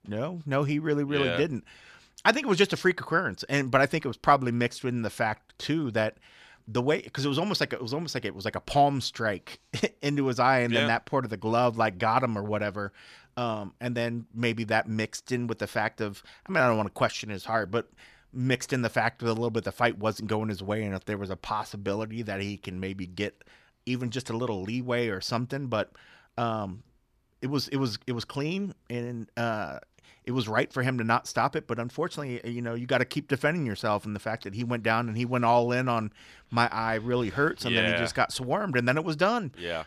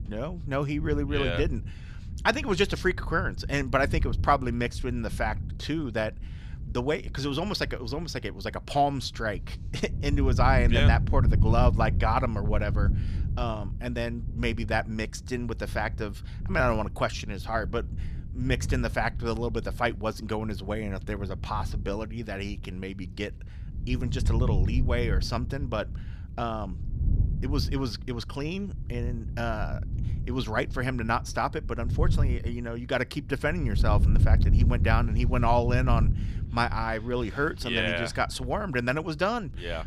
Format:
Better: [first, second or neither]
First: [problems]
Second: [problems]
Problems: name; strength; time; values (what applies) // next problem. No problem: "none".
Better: first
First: none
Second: wind noise on the microphone; occasional gusts; 15 dB below the speech